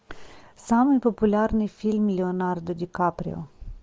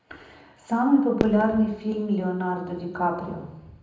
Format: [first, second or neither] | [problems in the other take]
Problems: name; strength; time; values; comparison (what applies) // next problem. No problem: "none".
first | background sound (Fireworks); 12 dB below the speech // room echo; dies away in 0.8 s